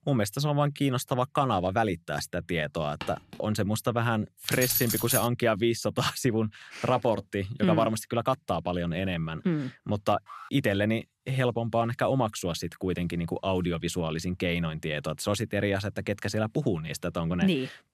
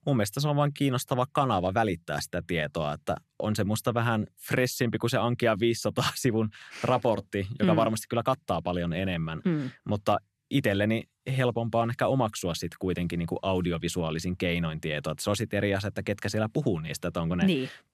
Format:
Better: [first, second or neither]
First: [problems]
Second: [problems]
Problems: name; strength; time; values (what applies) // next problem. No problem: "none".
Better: second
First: footsteps; faint; at 3 s; peak 15 dB below the speech // jangling keys; loud; at 4.5 s; peak 2 dB above the speech // alarm; faint; at 10 s; peak 15 dB below the speech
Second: none